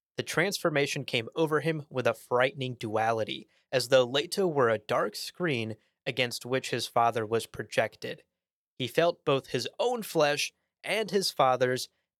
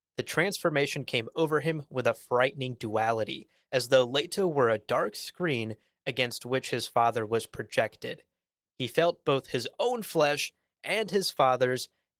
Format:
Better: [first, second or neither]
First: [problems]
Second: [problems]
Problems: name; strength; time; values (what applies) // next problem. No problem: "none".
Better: first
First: none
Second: garbled, watery; slightly; nothing above 18.5 kHz